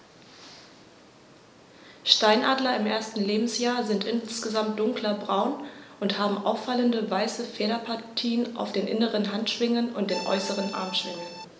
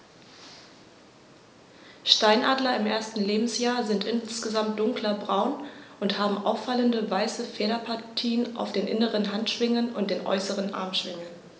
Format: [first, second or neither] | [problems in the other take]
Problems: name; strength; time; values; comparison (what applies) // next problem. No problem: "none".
second | background sound (Accordion); 11 dB below the speech